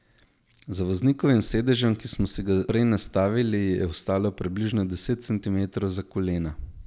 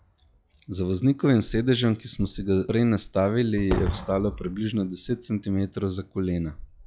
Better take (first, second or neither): first